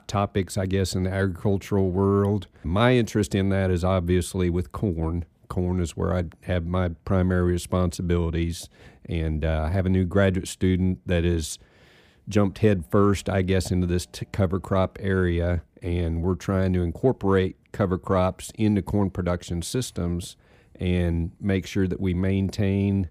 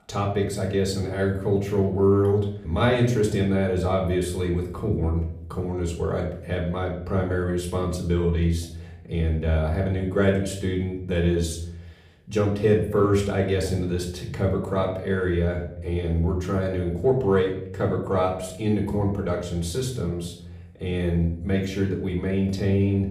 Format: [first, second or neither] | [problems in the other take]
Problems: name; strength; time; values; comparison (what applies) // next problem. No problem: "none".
first | off-mic speech; far // room echo; slight; dies away in 0.5 s